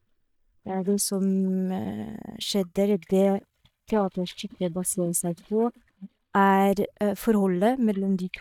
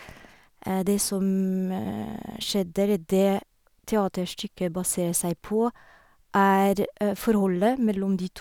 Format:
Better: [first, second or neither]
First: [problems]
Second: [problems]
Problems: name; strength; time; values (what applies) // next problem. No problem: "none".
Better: second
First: noise reduction (neural mask model DeepFilterNet 3)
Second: none